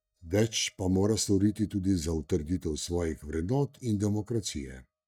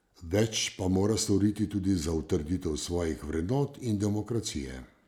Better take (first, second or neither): second